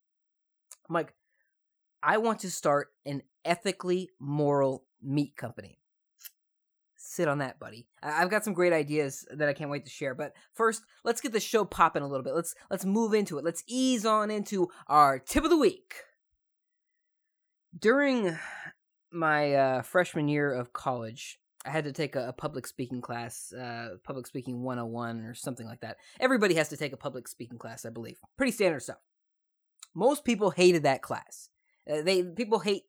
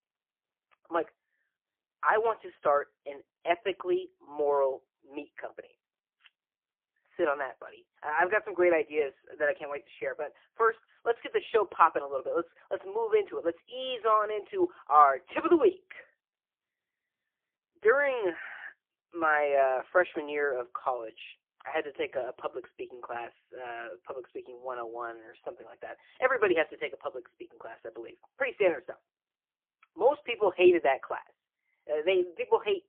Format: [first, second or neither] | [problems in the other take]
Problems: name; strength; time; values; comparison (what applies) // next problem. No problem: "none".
first | phone-call audio; poor line; nothing above 3 kHz